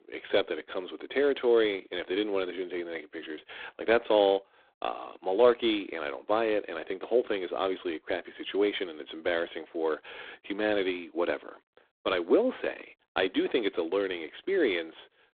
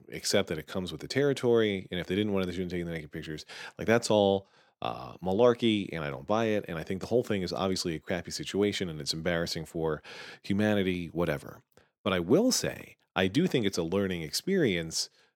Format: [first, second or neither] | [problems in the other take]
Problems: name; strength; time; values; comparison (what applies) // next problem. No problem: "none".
second | phone-call audio; poor line; nothing above 3.5 kHz